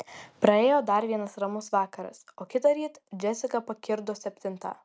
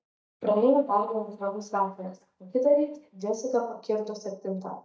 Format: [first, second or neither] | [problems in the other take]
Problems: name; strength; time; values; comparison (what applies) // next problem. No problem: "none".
first | noise reduction (neural mask model DeepFilterNet 3)